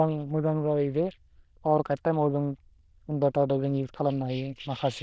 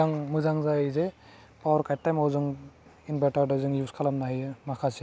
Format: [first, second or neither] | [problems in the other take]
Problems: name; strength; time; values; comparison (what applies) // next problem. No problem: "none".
second | noise reduction (neural diffusion model UNIVERSE++)